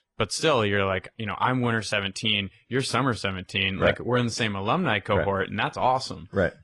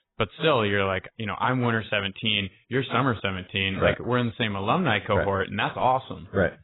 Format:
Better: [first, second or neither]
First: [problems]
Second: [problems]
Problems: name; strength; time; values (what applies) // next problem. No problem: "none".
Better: first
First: garbled, watery; slightly; nothing above 10.5 kHz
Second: garbled, watery; badly; nothing above 3.5 kHz